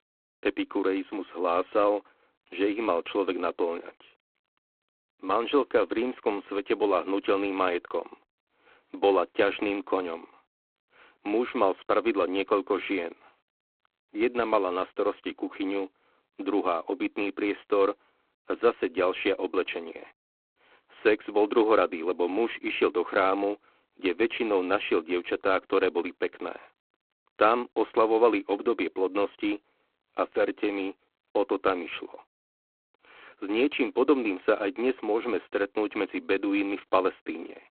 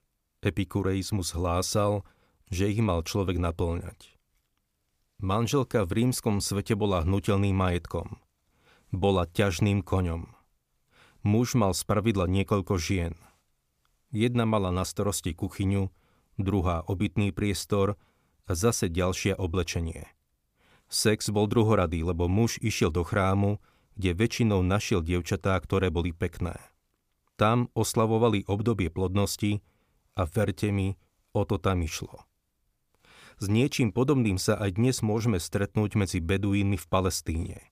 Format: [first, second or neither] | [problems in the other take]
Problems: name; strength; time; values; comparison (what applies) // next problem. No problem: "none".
second | phone-call audio; poor line; nothing above 3.5 kHz